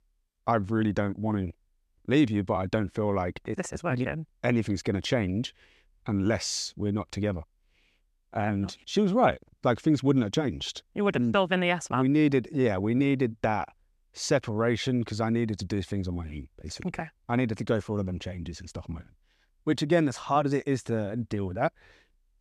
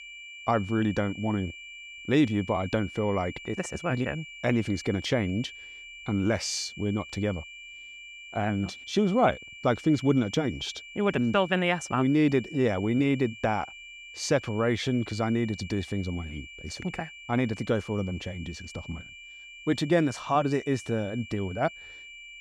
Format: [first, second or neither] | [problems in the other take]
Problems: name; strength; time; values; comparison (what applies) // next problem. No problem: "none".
first | high-pitched whine; noticeable; throughout; 2.5 kHz, 15 dB below the speech